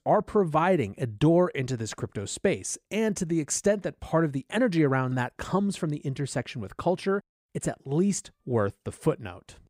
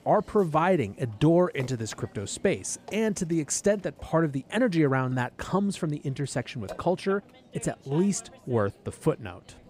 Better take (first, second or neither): first